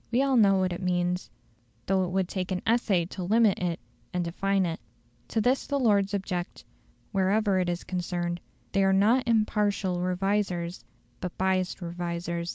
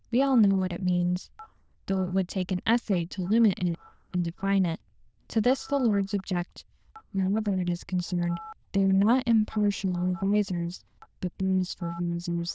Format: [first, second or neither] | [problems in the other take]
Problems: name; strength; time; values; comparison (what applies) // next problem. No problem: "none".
first | noise reduction (neural diffusion model UNIVERSE++)